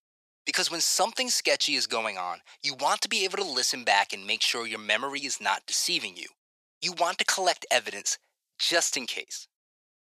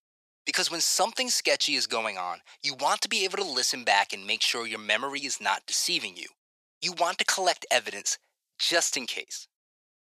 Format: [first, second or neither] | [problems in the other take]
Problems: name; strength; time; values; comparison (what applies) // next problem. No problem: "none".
neither | thin; very; fading below 750 Hz; the same in both